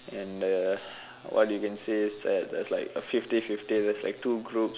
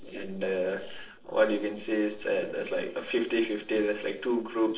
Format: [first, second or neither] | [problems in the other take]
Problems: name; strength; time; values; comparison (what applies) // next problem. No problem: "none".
first | noise reduction (neural separator model SepFormer DNS4)